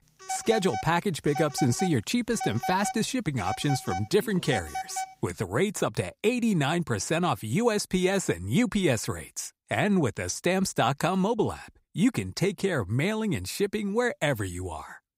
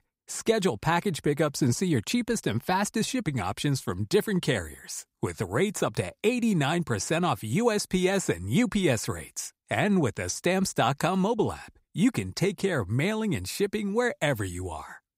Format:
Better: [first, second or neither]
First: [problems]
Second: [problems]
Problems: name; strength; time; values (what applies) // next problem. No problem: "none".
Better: second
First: phone ringing; noticeable; until 5.5 s; peak 7 dB below the speech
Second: none